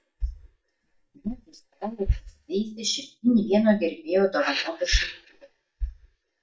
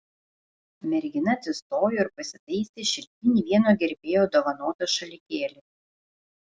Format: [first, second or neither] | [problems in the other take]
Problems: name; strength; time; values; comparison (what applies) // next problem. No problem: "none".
second | noise reduction (neural mask model DeepFilterNet 3)